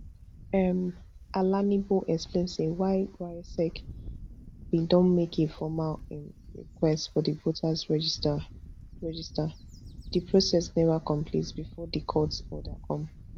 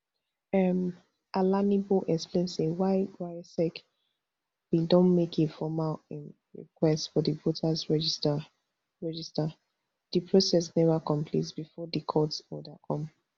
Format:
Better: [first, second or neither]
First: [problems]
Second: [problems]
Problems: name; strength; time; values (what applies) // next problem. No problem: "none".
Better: second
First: background sound (Wind / Bird); 15 dB below the speech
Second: none